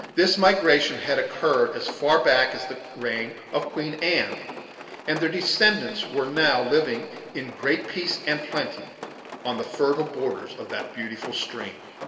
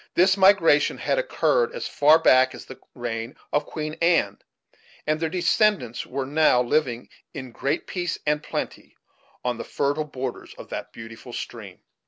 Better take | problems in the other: second | background sound (Rain); 16 dB below the speech // room echo; dies away in 1.9 s

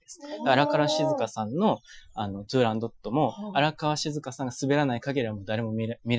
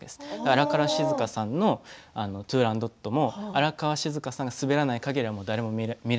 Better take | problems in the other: second | noise reduction (classical method Wiener filter)

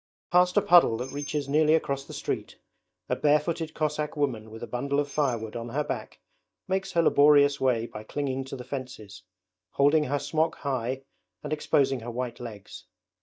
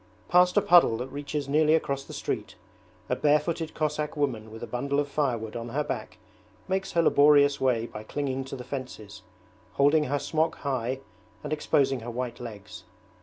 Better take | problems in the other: second | noise reduction (neural mask model DeepFilterNet 3)

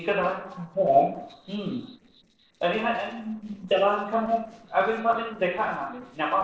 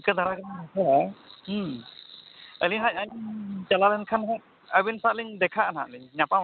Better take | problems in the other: second | noise reduction (neural separator model SepFormer DNS4)

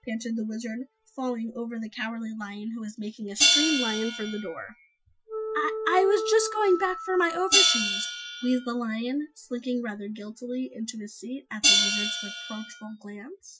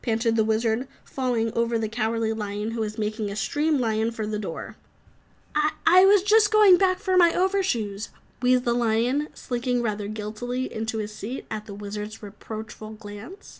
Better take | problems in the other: second | noise reduction (classical method Wiener filter)

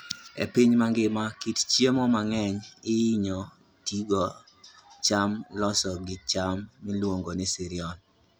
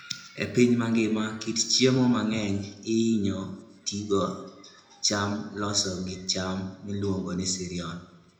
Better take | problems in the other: first | room echo; dies away in 0.7 s

